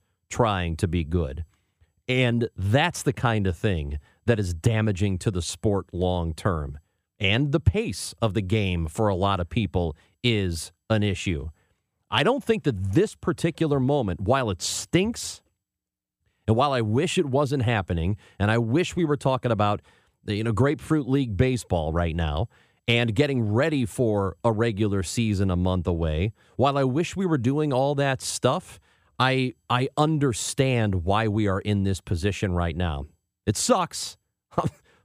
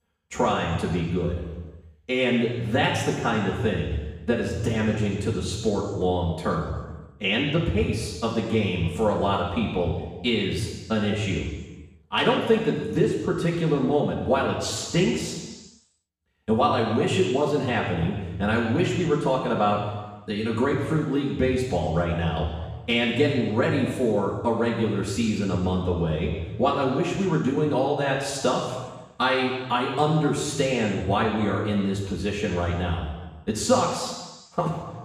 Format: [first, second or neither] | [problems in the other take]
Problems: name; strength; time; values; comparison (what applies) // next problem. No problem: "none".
first | room echo; noticeable; dies away in 1.3 s // off-mic speech; far